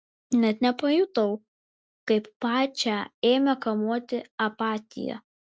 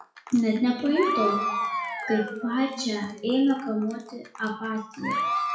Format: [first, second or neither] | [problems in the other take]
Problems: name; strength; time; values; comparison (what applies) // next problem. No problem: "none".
first | noise reduction (classical method WPE with log-MMSE)